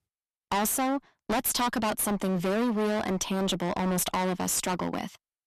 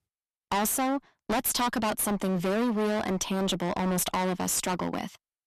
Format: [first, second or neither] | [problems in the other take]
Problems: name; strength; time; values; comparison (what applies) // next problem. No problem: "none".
neither | distortion; heavy; 26% of the sound clipped; the same in both